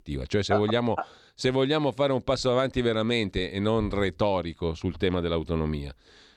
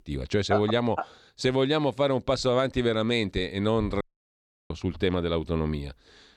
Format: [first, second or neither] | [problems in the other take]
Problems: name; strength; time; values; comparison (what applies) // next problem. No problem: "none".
first | audio cutting out; at 4 s for 0.5 s